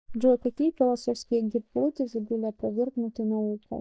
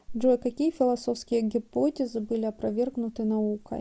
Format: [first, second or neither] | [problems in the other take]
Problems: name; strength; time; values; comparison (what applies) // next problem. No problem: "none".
second | noise reduction (neural mask model DeepFilterNet 3)